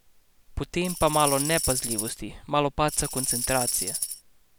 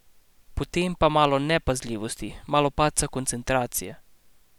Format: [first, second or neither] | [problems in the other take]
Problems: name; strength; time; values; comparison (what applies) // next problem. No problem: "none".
second | background sound (Tambourine); 2 dB below the speech